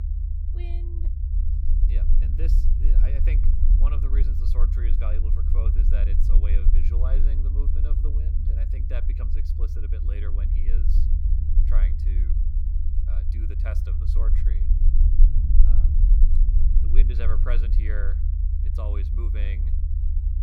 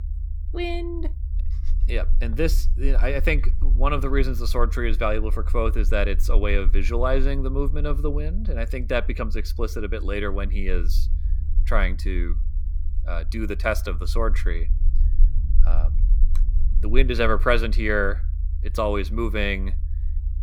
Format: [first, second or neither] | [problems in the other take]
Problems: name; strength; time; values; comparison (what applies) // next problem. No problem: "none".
second | low rumble; loud; throughout; 2 dB below the speech; faint in the second